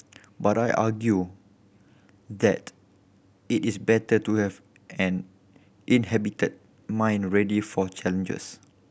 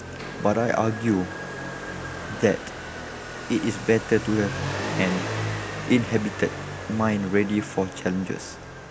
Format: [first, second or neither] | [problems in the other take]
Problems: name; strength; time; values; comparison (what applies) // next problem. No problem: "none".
first | background sound (Motorcycle); 7 dB below the speech